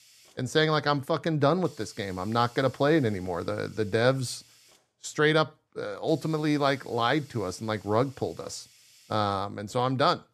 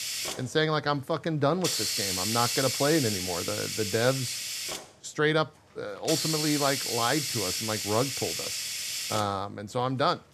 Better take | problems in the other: first | hiss; loud; throughout; 1 dB below the speech; faint in the first

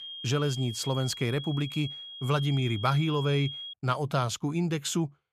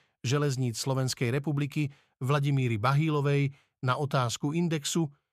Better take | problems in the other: second | high-pitched whine; loud; until 3.5 s; 3.5 kHz, 9 dB below the speech

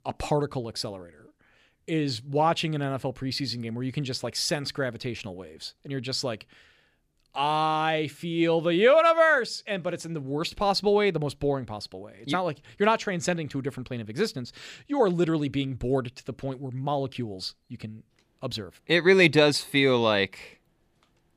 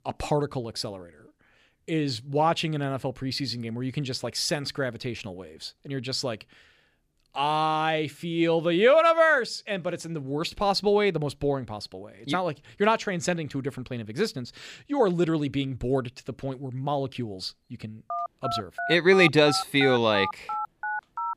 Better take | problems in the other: first | phone ringing; noticeable; from 18 s on; peak 6 dB below the speech

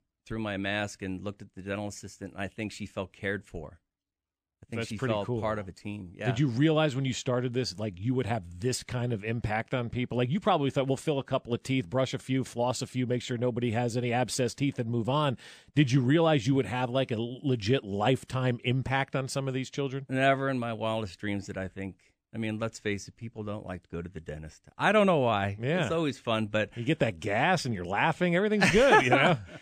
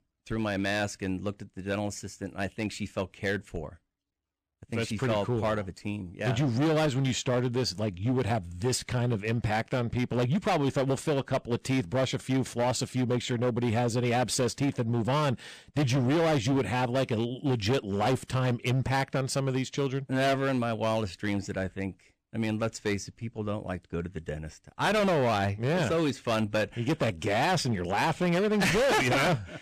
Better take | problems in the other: first | distortion; heavy; 13% of the sound clipped

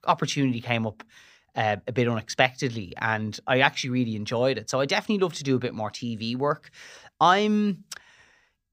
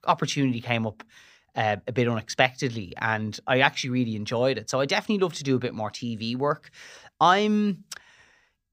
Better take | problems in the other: neither | none

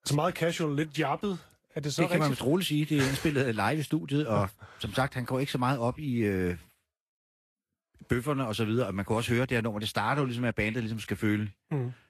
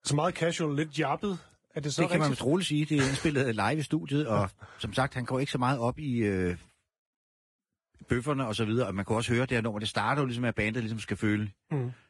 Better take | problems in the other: first | garbled, watery; badly; nothing above 10.5 kHz; slightly in the first

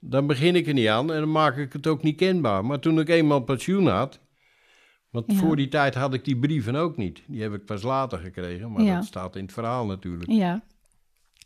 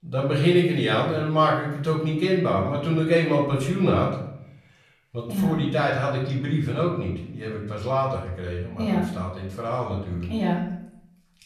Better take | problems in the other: first | off-mic speech; far // room echo; noticeable; dies away in 0.7 s

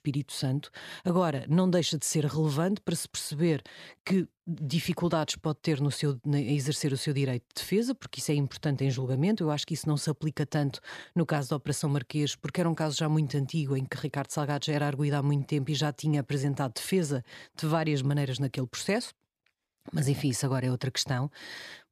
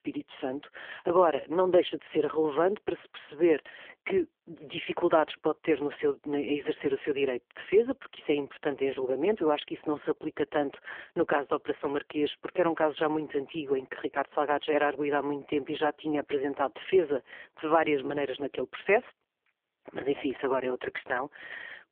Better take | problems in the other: first | phone-call audio; poor line; nothing above 3.5 kHz

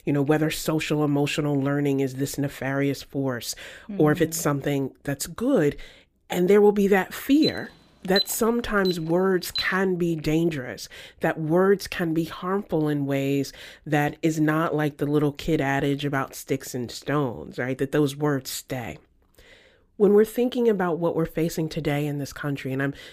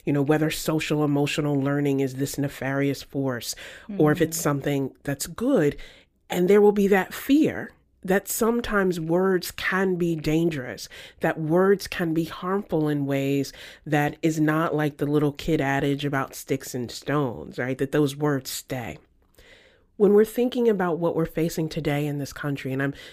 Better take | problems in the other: second | alarm; noticeable; from 7.5 to 9.5 s; peak 2 dB below the speech

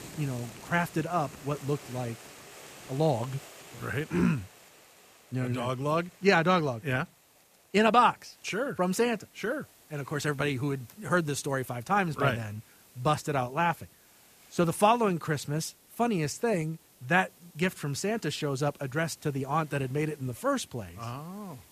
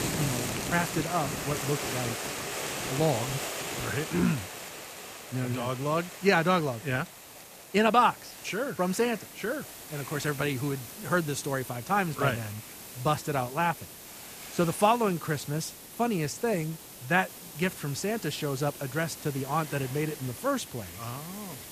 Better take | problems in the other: first | hiss; loud; throughout; 8 dB below the speech; faint in the first

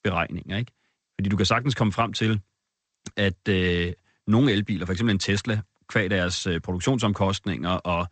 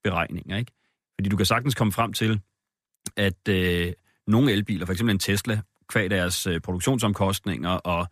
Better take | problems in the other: second | garbled, watery; slightly; nothing above 8 kHz

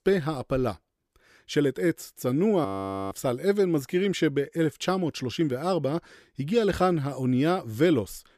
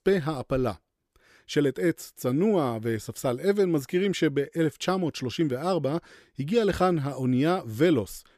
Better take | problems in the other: second | audio freezing; at 2.5 s

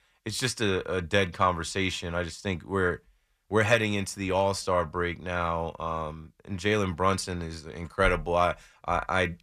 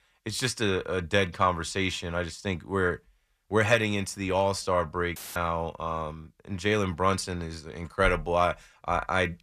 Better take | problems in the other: first | audio cutting out; filled with static; at 5 s

